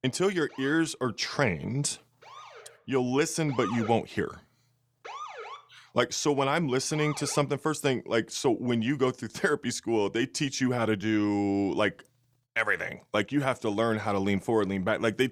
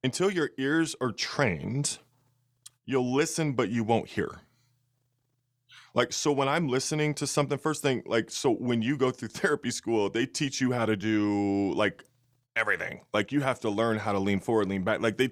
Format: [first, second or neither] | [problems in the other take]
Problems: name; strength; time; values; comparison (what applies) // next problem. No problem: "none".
second | siren; noticeable; until 7.5 s; peak 9 dB below the speech